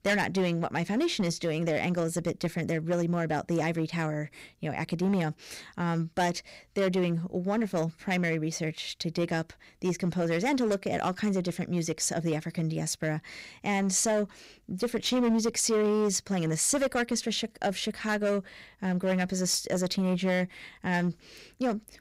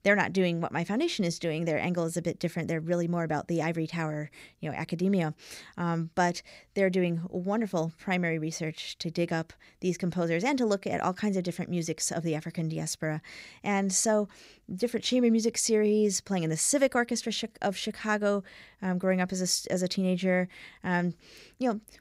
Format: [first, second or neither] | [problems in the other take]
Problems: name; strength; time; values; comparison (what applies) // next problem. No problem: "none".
second | distortion; slight; 8% of the sound clipped